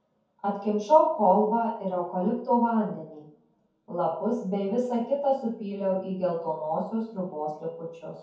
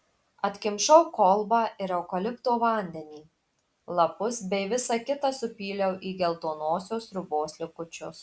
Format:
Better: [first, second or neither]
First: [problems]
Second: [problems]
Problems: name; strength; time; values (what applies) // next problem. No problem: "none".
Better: second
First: room echo; dies away in 0.6 s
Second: none